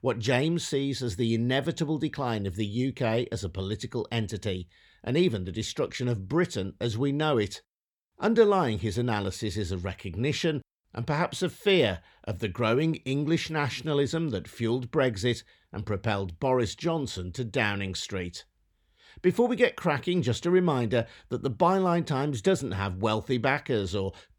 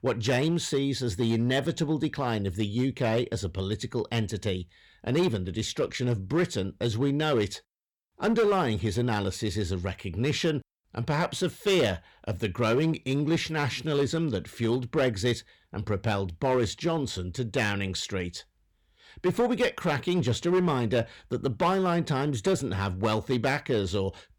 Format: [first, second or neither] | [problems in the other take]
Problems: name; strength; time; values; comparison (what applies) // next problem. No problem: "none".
first | distortion; slight; 6% of the sound clipped